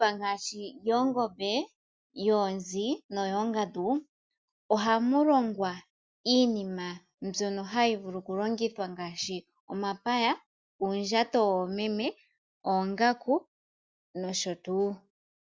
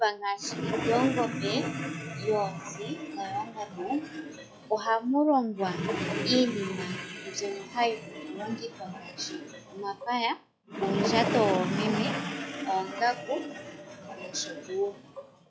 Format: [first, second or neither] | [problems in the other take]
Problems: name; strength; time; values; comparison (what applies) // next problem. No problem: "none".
first | noise reduction (classical method log-MMSE)